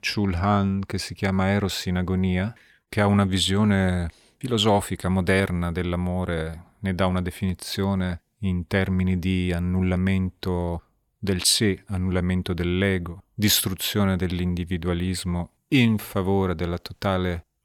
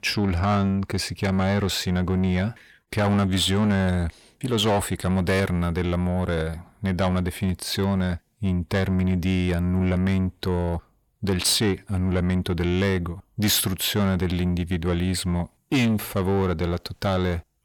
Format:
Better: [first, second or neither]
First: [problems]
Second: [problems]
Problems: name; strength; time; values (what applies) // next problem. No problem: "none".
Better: first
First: none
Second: distortion; slight; 10 dB below the speech